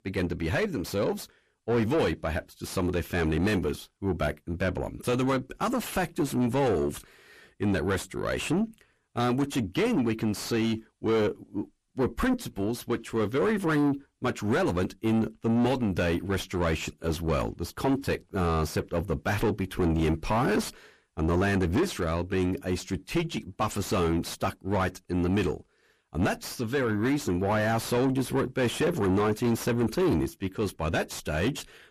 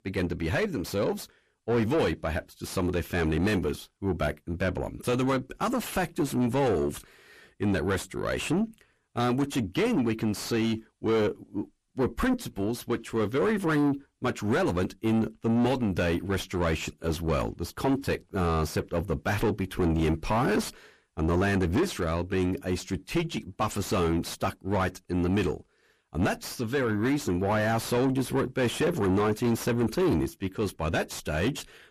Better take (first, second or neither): neither